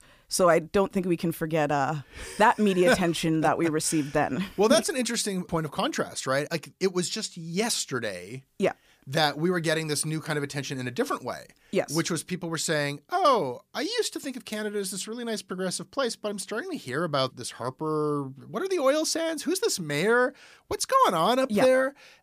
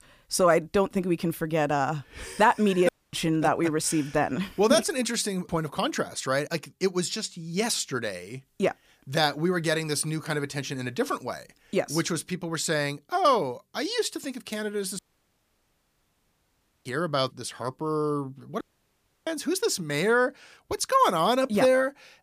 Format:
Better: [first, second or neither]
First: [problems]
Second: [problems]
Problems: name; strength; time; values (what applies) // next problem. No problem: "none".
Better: first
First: none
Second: audio cutting out; at 3 s, at 15 s for 2 s and at 19 s for 0.5 s